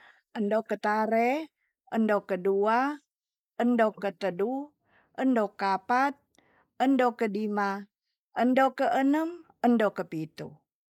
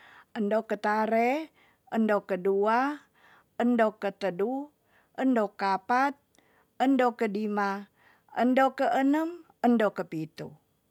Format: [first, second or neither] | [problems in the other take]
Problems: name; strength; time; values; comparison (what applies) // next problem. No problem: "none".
second | noise reduction (neural mask model Resemble Enhance denoiser)